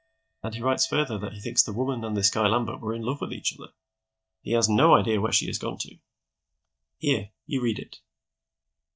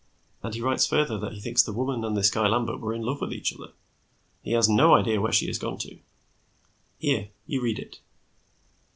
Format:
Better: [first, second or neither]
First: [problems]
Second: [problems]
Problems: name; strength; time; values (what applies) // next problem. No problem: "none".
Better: second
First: noise reduction (neural mask model DeepFilterNet 3)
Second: none